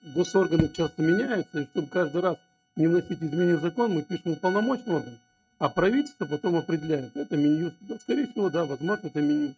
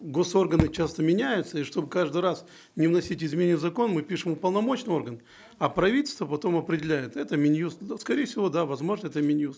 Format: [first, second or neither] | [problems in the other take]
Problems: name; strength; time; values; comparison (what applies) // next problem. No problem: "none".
second | noise reduction (neural mask model RNNoise)